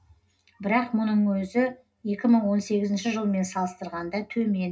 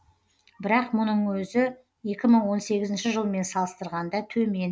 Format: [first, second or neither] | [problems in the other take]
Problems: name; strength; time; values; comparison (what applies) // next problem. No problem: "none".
second | room echo; dies away in 0.4 s